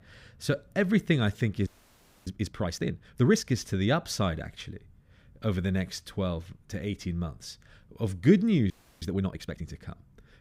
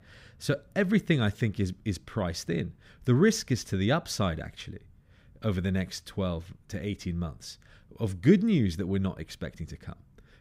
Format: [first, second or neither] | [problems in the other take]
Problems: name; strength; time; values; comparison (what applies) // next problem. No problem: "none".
second | audio freezing; at 1.5 s for 0.5 s and at 8.5 s